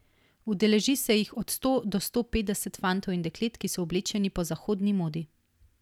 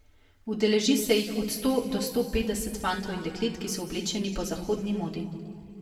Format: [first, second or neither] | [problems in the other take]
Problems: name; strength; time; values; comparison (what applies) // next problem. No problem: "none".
first | room echo; dies away in 1.9 s